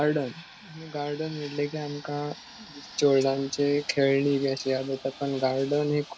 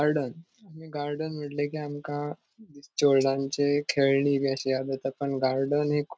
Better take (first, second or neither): second